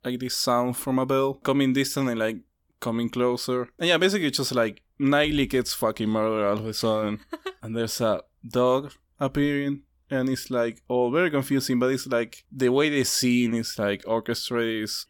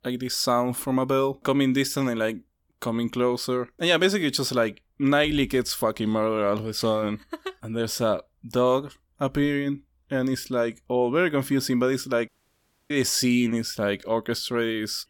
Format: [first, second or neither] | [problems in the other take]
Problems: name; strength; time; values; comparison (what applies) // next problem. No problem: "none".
first | audio cutting out; at 12 s for 0.5 s